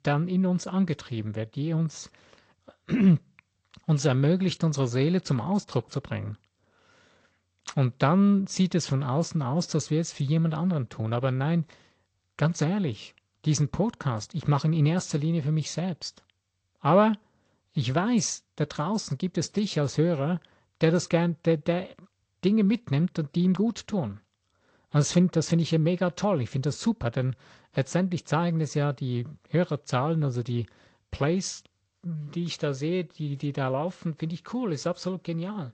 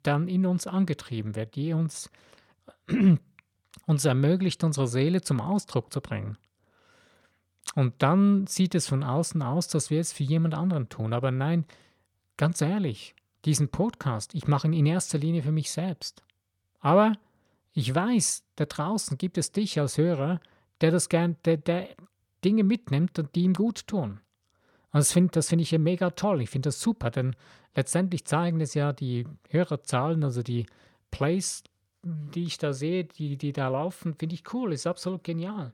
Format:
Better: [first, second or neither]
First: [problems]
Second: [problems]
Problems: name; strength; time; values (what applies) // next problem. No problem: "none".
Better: second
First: garbled, watery; slightly; nothing above 7.5 kHz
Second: none